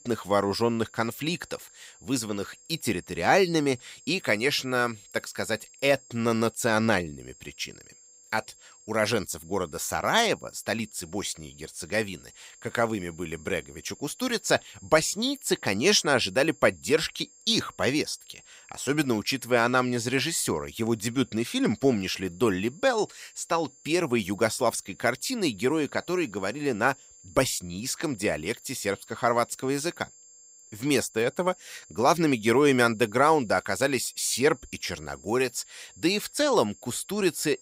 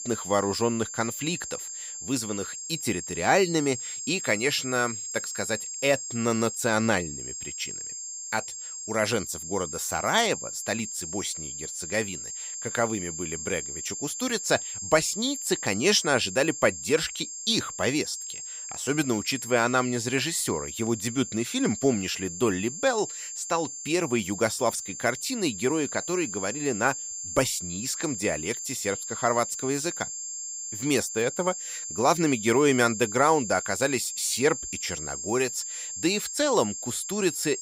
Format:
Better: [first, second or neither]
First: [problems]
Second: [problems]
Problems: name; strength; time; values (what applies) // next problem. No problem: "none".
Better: first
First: high-pitched whine; faint; throughout; 7.5 kHz, 25 dB below the speech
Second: high-pitched whine; loud; throughout; 7.5 kHz, 6 dB below the speech